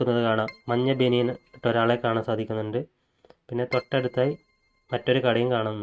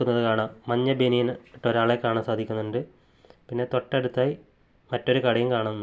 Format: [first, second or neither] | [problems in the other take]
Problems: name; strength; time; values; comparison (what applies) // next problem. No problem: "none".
second | noise reduction (neural mask model RNNoise)